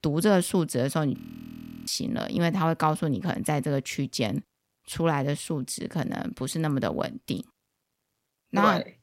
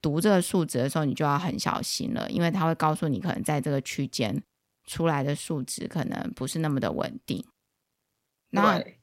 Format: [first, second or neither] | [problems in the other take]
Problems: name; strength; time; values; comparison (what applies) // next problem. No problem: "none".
second | audio freezing; at 1 s for 0.5 s